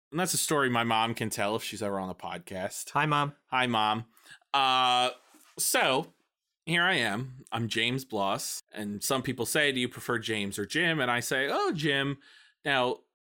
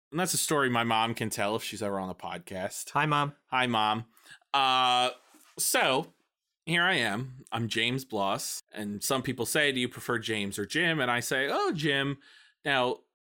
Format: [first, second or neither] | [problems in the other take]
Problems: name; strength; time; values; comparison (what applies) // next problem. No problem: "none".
neither | none